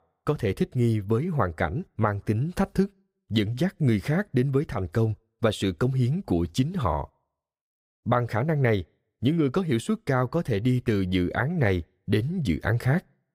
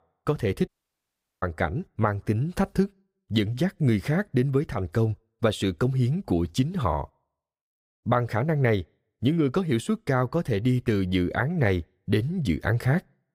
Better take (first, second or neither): first